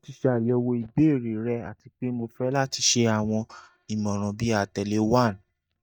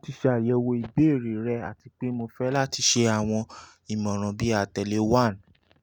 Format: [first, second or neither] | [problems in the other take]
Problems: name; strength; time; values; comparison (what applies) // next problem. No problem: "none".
second | noise reduction (neural mask model DeepFilterNet 3)